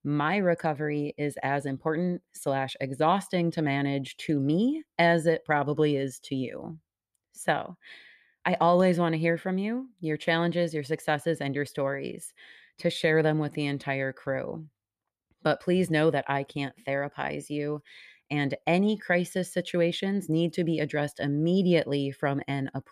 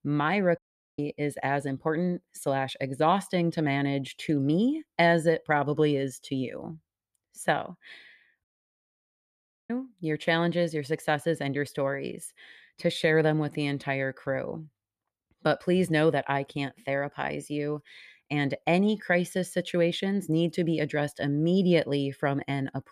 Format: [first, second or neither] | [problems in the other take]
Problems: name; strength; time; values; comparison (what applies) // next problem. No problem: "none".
first | audio cutting out; at 0.5 s and at 8.5 s for 1.5 s